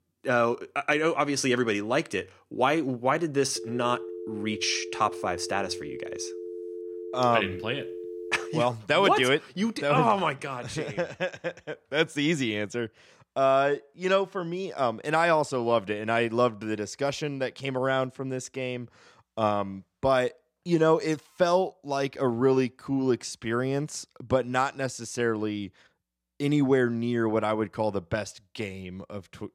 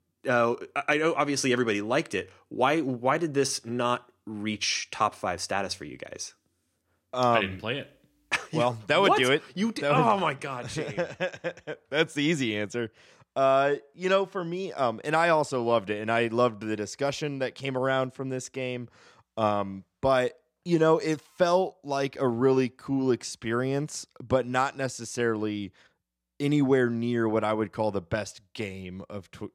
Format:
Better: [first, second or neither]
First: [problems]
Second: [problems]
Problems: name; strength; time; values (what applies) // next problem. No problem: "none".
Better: second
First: phone ringing; faint; from 3.5 to 8.5 s; peak 10 dB below the speech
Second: none